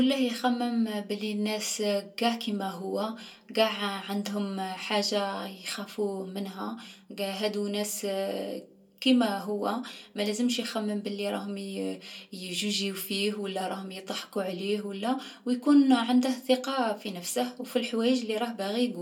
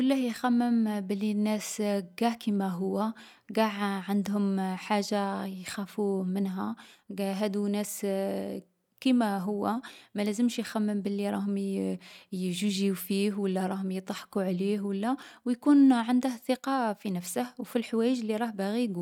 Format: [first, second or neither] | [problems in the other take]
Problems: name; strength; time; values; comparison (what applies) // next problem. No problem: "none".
second | room echo; dies away in 0.2 s